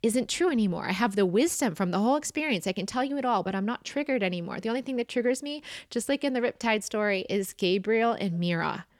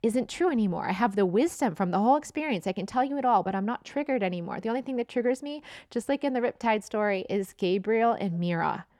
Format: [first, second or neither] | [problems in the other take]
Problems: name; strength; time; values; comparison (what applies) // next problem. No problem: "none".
first | muffled; slightly; fading above 2.5 kHz